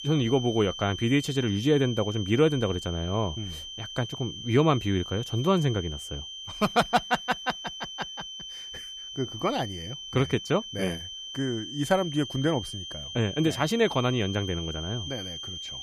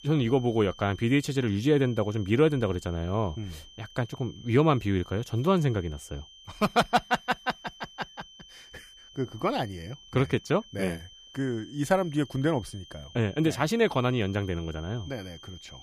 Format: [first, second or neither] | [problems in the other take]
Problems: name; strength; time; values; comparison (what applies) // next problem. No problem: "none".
second | high-pitched whine; loud; throughout; 3 kHz, 9 dB below the speech; faint in the second